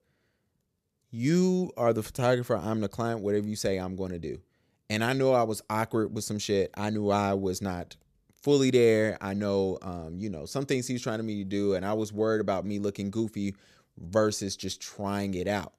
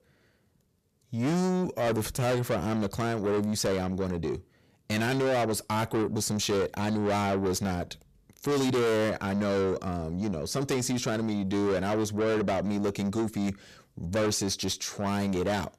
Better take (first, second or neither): first